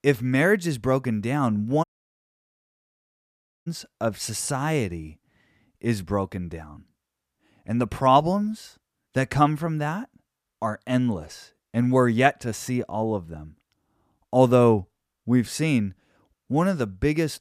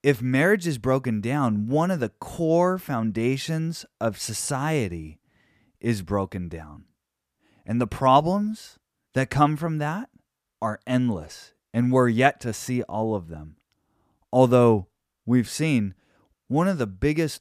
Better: second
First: audio cutting out; at 2 s for 2 s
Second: none

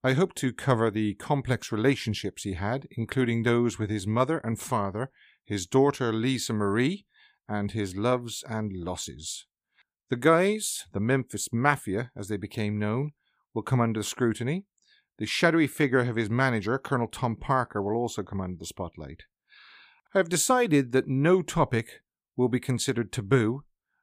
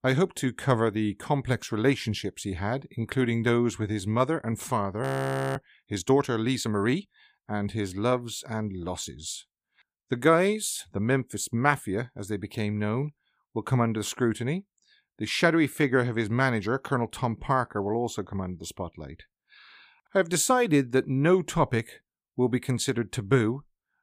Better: first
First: none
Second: audio freezing; at 5 s for 0.5 s

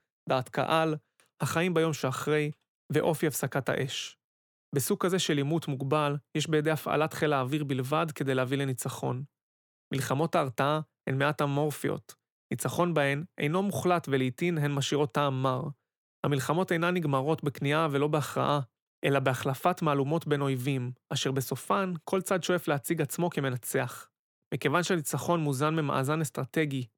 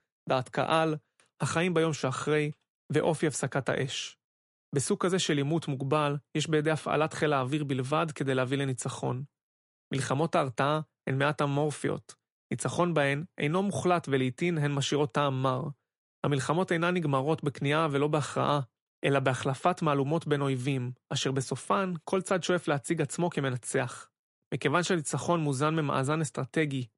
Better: first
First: none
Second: garbled, watery; slightly; nothing above 11 kHz

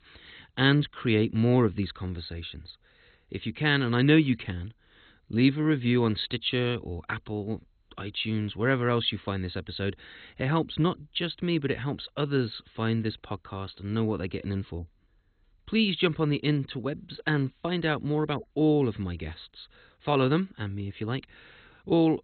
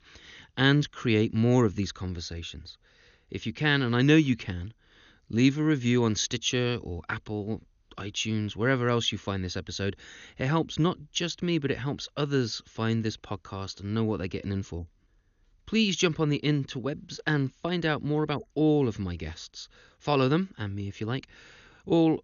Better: second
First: garbled, watery; badly; nothing above 4 kHz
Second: garbled, watery; slightly; nothing above 6.5 kHz

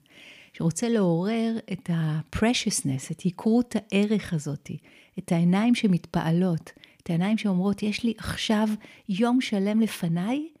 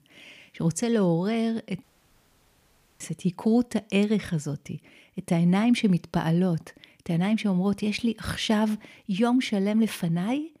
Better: first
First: none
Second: audio cutting out; at 2 s for 1 s

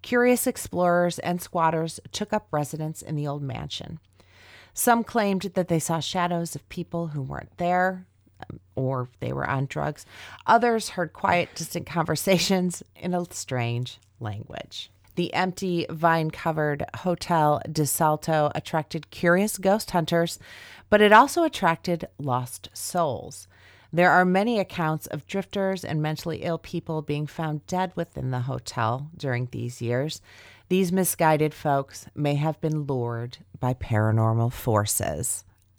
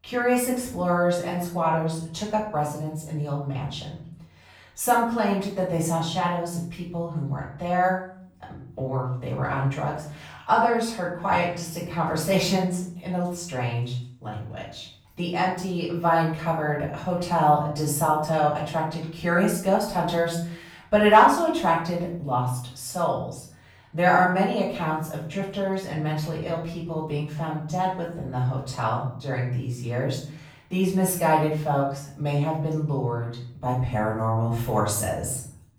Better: first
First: none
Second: off-mic speech; far // room echo; noticeable; dies away in 0.5 s

